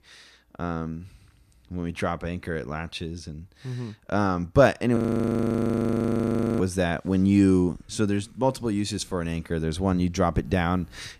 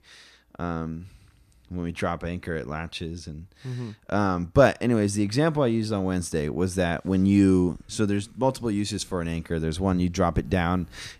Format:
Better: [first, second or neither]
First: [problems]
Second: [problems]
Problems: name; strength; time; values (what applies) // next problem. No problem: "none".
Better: second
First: audio freezing; at 5 s for 1.5 s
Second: none